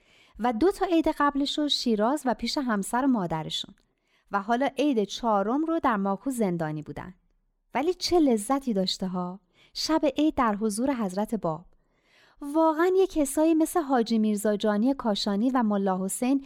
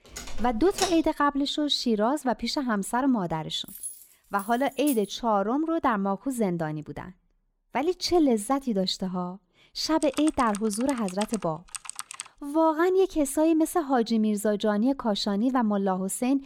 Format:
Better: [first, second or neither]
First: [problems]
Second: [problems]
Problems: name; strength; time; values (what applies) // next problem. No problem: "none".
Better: first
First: none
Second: door banging; noticeable; at the start; peak 5 dB below the speech // jangling keys; faint; from 3.5 to 5 s; peak 10 dB below the speech // keyboard typing; faint; from 10 to 12 s; peak 10 dB below the speech